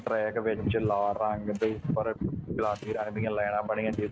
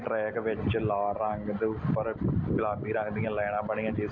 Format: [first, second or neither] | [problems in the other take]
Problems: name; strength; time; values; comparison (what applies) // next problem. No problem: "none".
second | noise reduction (neural mask model RNNoise)